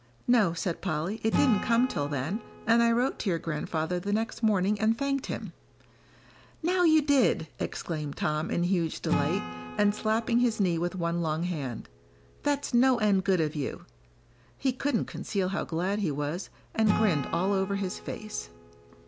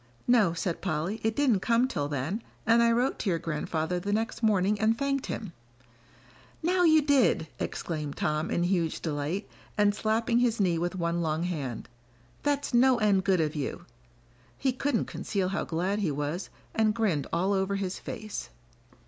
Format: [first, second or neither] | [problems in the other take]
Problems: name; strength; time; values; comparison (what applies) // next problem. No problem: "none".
second | background sound (Acoustic guitar / Strum); 12 dB below the speech